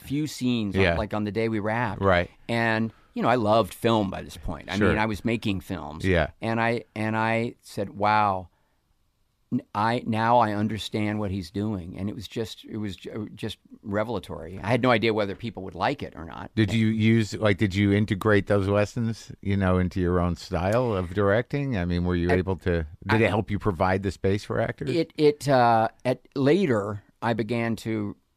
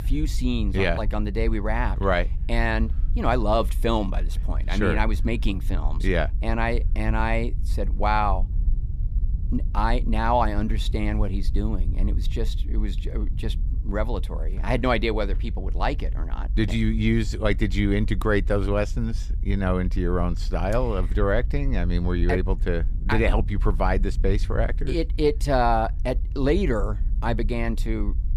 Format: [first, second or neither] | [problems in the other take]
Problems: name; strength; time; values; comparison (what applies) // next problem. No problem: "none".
first | low rumble; faint; throughout; 20 dB below the speech